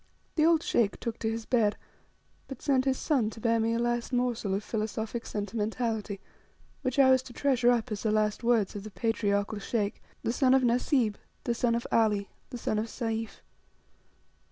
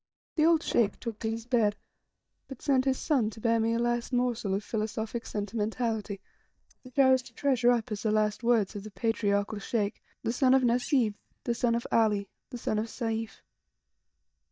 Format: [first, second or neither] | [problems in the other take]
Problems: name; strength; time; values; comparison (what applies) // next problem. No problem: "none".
first | noise reduction (neural mask model DeepFilterNet 3)